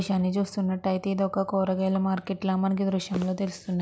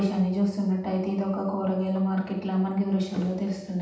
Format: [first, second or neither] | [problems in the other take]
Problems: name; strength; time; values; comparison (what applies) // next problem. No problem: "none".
first | room echo; dies away in 0.8 s